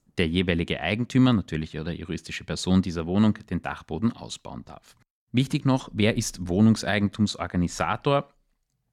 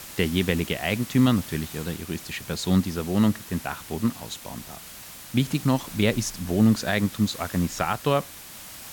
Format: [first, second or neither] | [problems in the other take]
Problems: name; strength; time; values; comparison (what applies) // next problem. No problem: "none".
first | hiss; noticeable; throughout; 15 dB below the speech